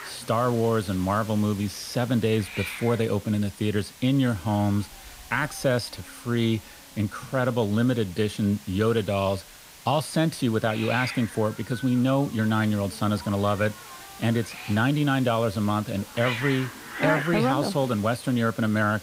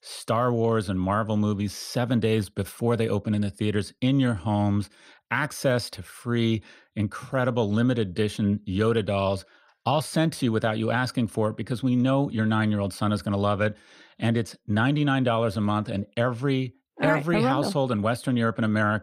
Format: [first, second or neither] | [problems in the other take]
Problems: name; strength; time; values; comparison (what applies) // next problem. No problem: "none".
second | hiss; noticeable; throughout; 15 dB below the speech